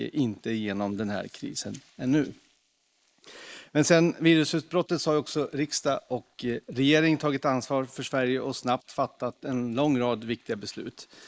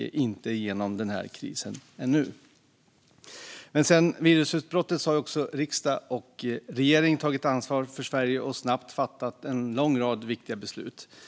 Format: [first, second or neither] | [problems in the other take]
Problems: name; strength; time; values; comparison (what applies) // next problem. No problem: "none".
second | noise reduction (neural mask model Resemble Enhance denoiser)